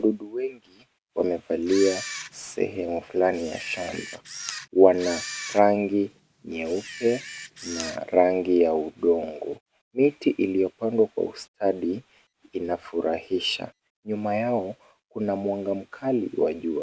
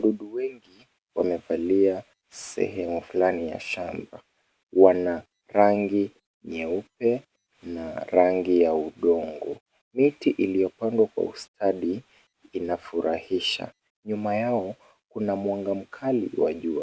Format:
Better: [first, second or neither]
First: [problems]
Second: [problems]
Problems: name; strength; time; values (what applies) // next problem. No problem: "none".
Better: second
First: background sound (Camera); 13 dB below the speech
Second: none